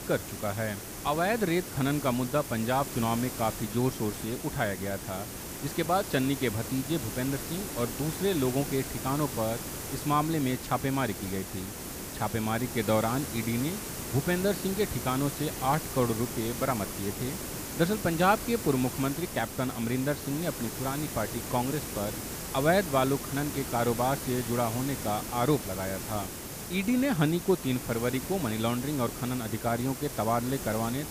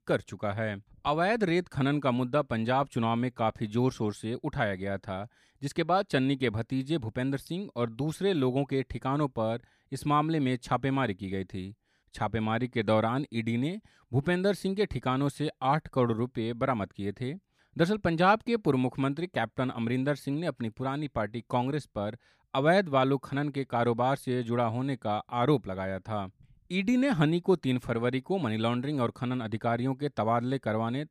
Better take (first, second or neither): second